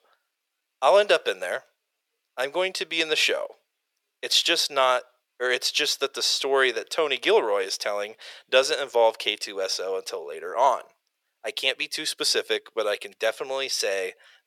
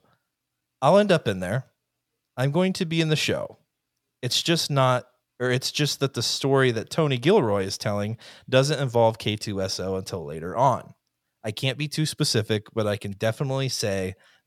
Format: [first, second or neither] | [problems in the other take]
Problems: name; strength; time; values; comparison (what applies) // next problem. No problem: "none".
second | thin; very; fading below 450 Hz